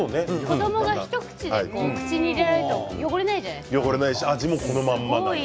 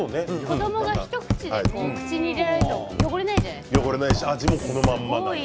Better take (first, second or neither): first